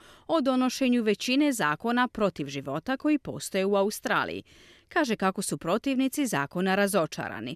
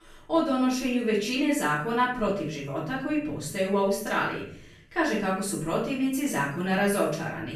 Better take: first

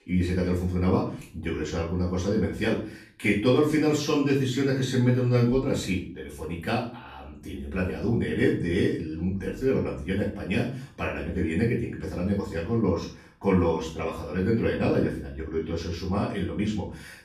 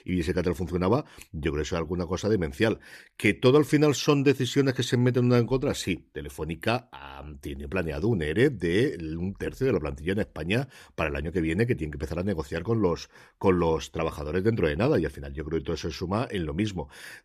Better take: second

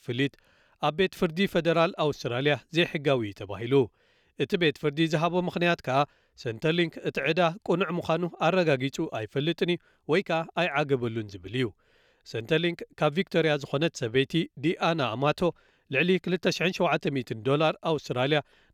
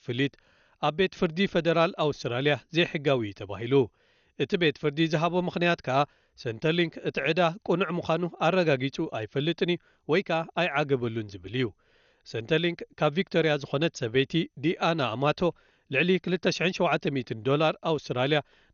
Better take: first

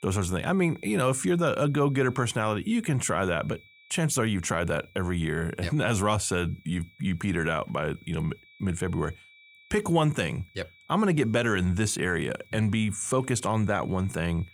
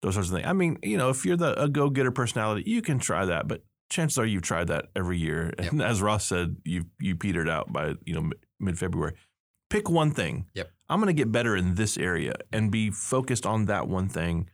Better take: second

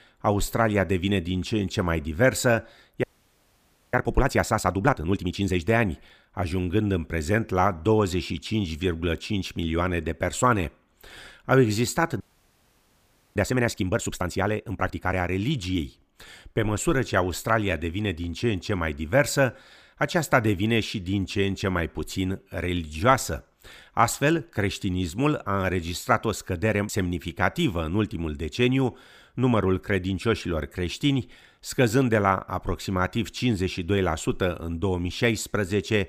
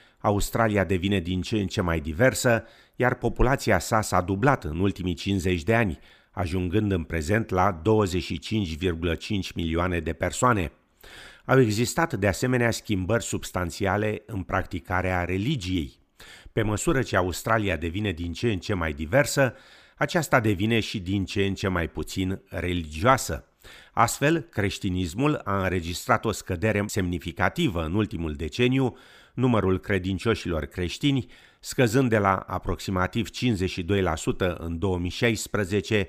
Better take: second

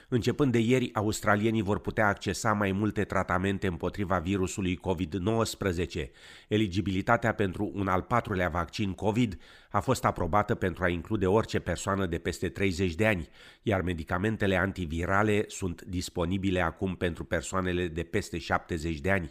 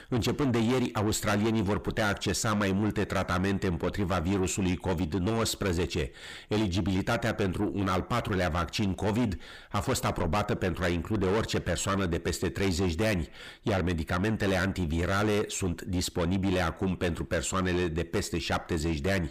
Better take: first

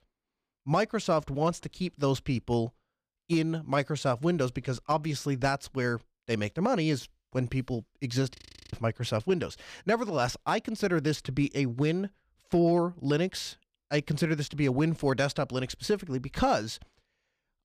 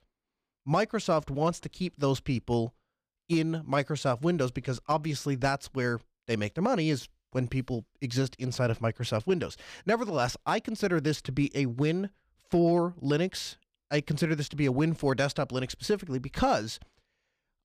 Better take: second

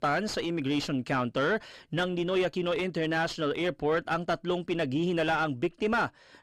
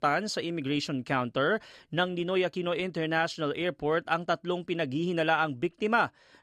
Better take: second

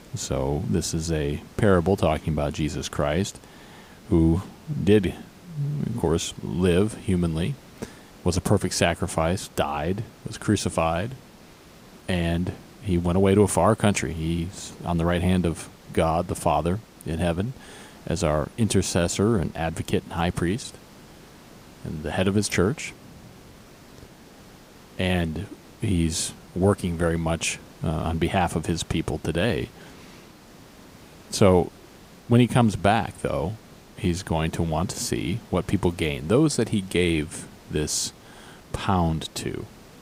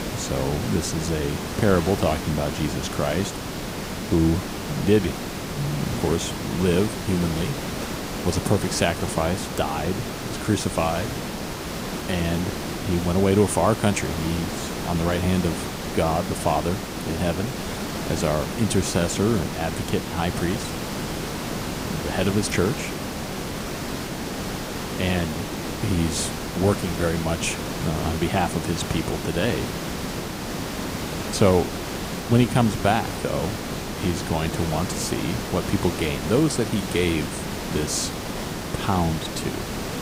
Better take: first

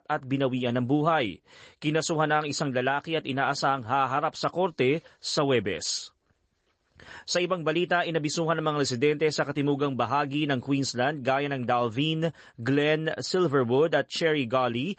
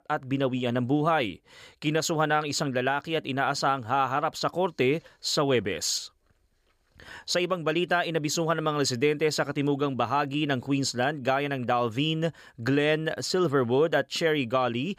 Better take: second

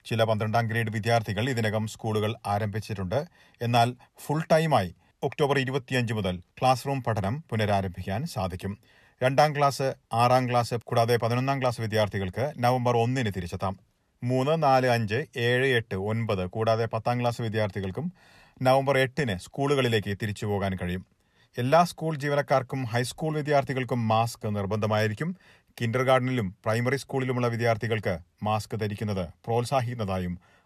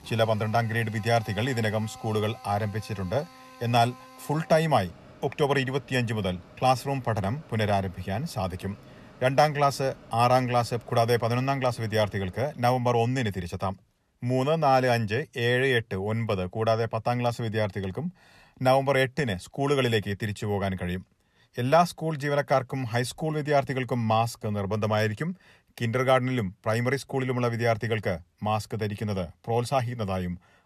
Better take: first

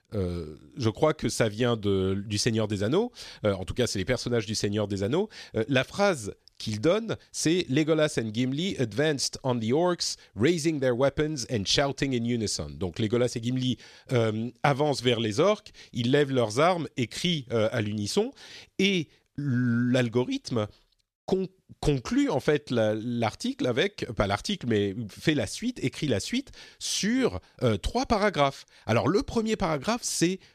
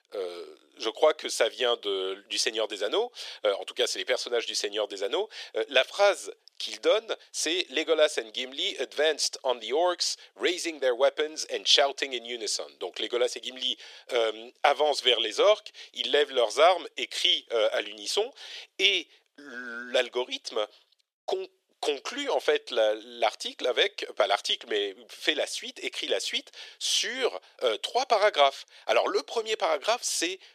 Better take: first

